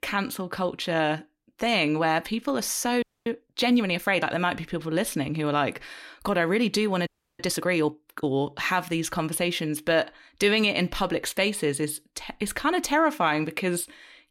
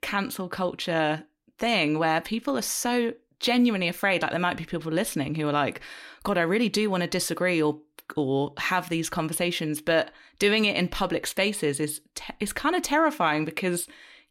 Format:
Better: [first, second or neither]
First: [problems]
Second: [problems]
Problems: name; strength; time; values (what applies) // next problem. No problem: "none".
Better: second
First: audio freezing; at 3 s and at 7 s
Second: none